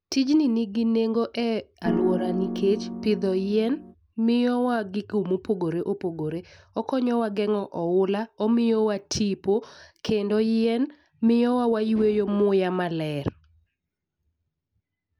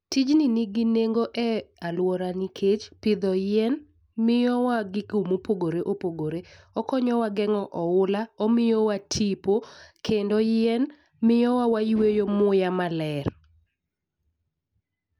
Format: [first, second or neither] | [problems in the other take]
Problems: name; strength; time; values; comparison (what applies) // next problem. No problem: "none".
second | background sound (Piano); 5 dB below the speech